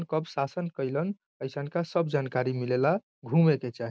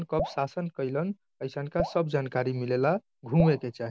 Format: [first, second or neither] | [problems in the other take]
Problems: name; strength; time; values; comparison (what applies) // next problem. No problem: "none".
first | background sound (Drip); 11 dB below the speech